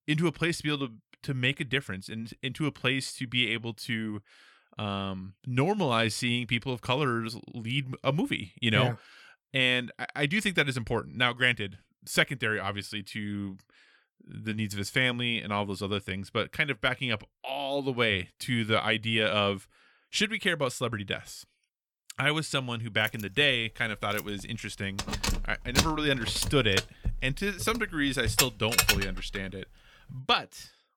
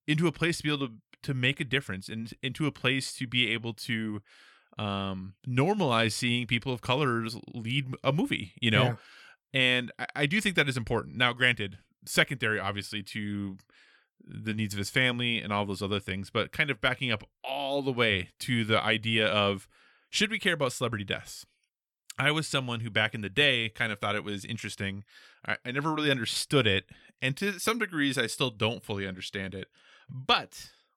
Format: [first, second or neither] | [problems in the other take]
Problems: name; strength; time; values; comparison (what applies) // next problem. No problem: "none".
second | jangling keys; loud; from 23 to 29 s; peak 6 dB above the speech